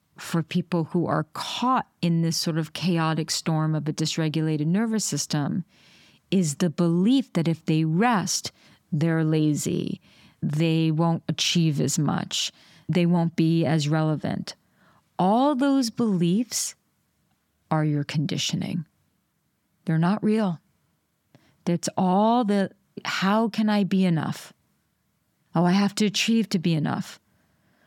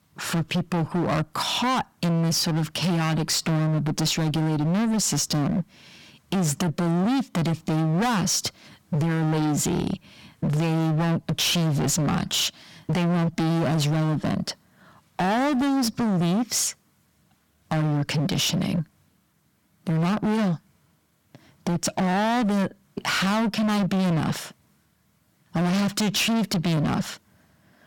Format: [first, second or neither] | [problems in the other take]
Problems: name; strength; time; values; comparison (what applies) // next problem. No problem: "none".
first | distortion; heavy; 31% of the sound clipped